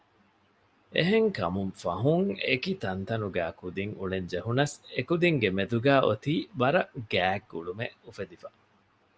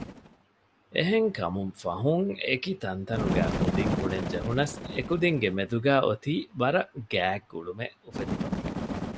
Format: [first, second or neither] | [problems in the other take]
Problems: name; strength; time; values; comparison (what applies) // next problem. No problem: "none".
first | background sound (Bird); 5 dB below the speech